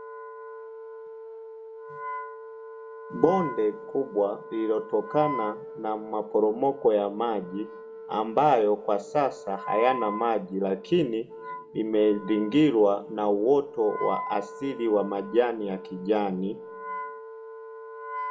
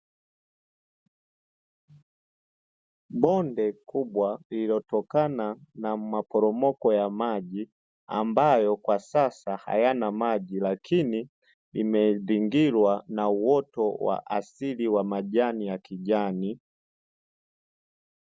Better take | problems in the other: second | background sound (Wind instrument, woodwind instrument); 11 dB below the speech // room echo; dies away in 0.7 s

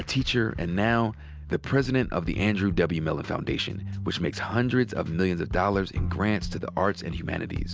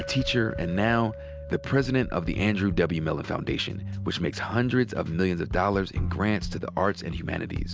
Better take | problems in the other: first | background sound (Chink, clink); 18 dB below the speech

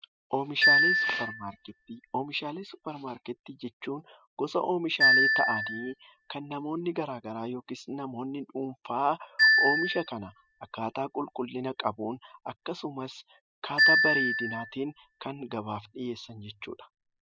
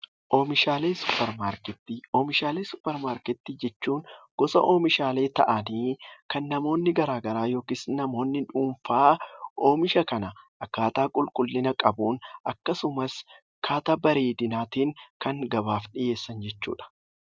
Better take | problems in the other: second | noise reduction (classical method spectral subtraction)

